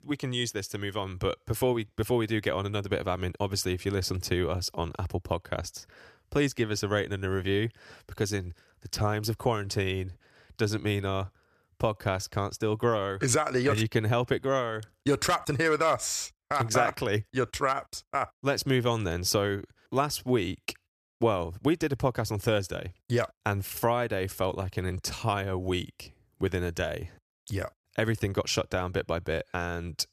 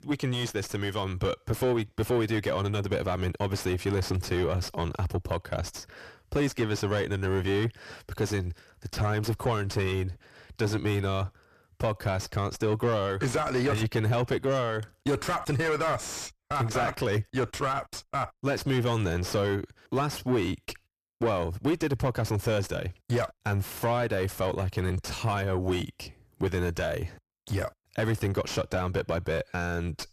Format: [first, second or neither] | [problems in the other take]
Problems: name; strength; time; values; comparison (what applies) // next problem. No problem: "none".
first | distortion; heavy; 7 dB below the speech